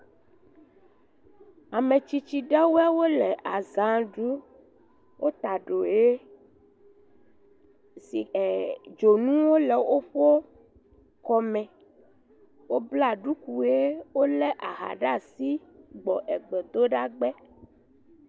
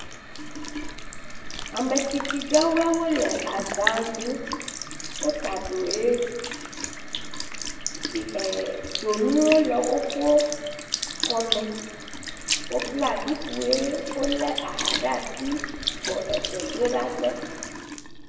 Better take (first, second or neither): first